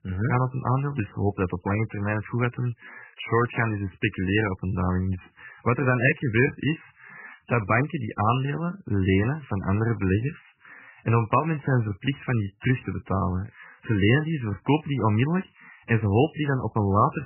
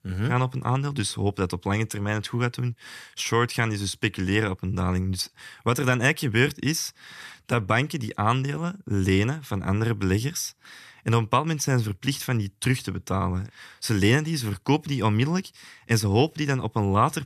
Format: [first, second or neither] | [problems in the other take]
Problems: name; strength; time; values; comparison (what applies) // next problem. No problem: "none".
second | garbled, watery; badly; nothing above 3 kHz